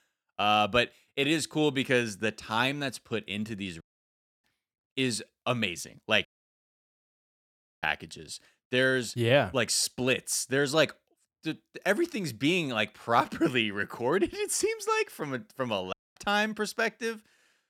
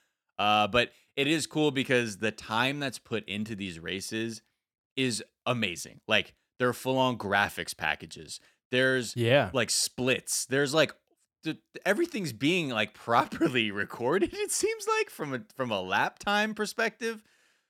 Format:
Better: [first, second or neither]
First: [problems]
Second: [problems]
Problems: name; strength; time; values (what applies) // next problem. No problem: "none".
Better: second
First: audio cutting out; at 4 s for 0.5 s, at 6.5 s for 1.5 s and at 16 s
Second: none